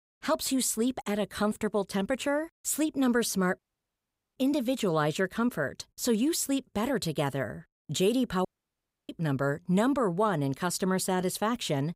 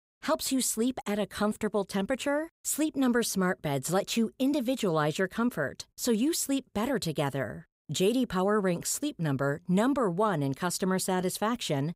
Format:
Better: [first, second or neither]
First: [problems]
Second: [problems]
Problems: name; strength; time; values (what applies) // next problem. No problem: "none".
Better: second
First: audio cutting out; at 3.5 s for 1 s and at 8.5 s for 0.5 s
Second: none